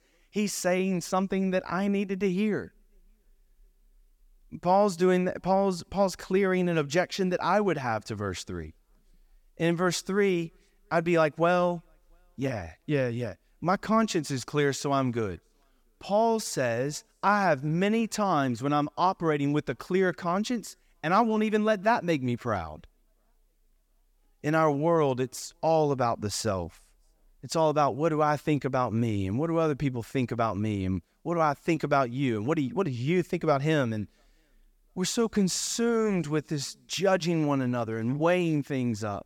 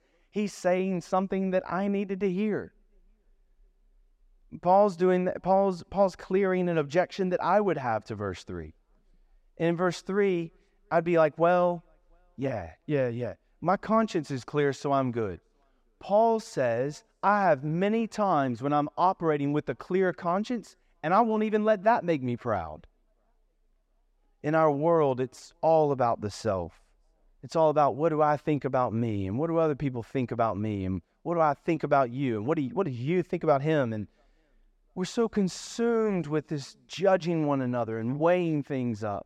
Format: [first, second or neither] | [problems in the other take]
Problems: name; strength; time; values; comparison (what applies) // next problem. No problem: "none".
first | muffled; slightly; fading above 3 kHz